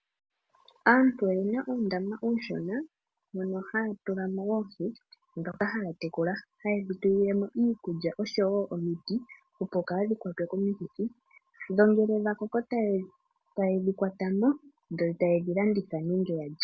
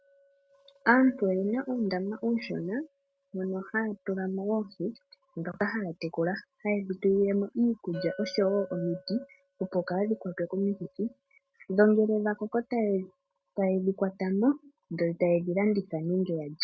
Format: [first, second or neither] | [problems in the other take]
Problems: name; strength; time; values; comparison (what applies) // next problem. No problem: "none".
first | noise reduction (neural mask model RNNoise)